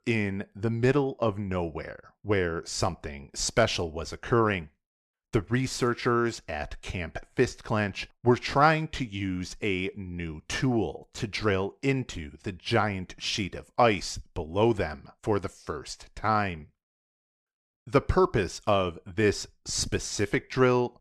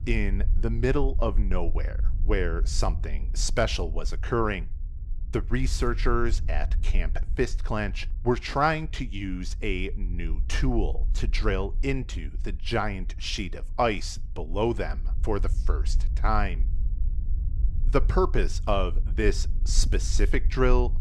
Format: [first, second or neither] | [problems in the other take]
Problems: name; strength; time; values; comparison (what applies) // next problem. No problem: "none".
first | low rumble; faint; throughout; 20 dB below the speech